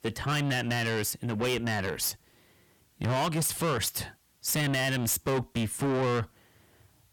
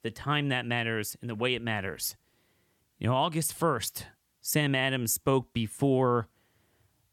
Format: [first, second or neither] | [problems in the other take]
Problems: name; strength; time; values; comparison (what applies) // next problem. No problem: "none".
second | distortion; heavy; 5 dB below the speech